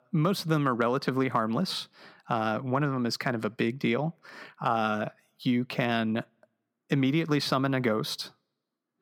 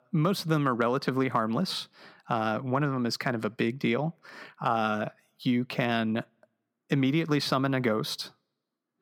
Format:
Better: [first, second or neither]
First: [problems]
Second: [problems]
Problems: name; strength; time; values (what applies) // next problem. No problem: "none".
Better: neither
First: none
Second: none